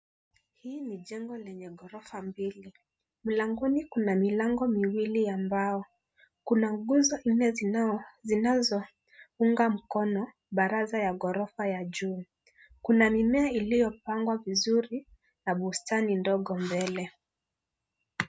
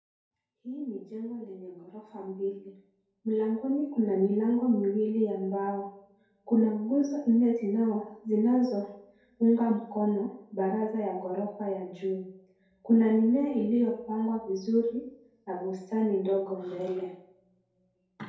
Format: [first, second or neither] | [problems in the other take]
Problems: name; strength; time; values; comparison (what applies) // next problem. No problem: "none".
first | room echo; dies away in 2.3 s